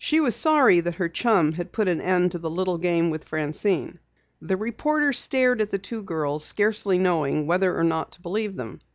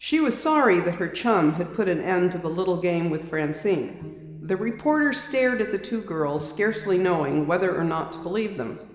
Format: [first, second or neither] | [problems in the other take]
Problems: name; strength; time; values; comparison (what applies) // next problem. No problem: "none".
first | noise reduction (neural separator model SepFormer DNS4)